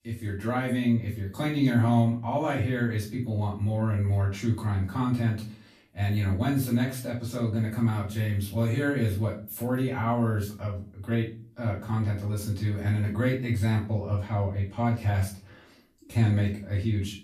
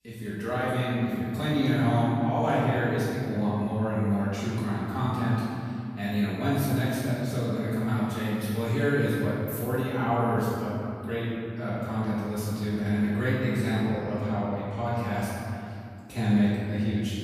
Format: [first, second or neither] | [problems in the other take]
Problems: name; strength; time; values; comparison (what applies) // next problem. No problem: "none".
first | room echo; strong; dies away in 2.3 s; slight in the first // off-mic speech; far; far in the first